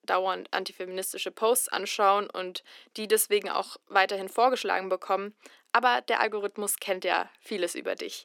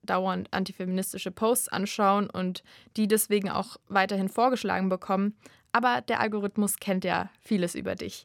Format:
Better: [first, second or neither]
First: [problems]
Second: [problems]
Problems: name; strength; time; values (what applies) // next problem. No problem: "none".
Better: second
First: thin; very; fading below 300 Hz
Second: none